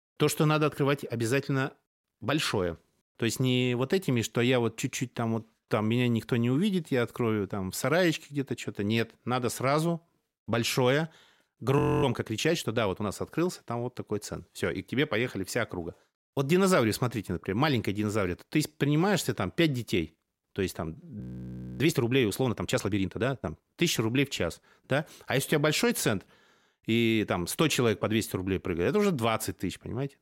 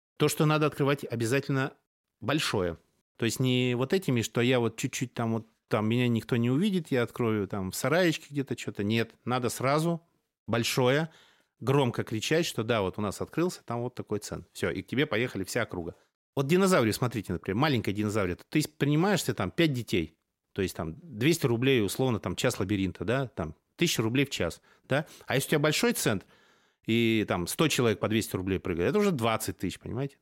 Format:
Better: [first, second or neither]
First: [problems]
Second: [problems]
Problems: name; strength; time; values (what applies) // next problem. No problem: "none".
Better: second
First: audio freezing; at 12 s and at 21 s for 0.5 s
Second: none